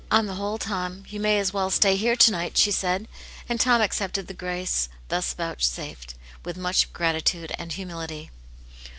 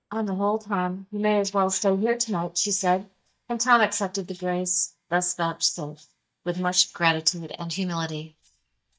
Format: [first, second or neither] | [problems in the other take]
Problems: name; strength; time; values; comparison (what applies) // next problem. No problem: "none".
first | noise reduction (neural mask model DeepFilterNet 3)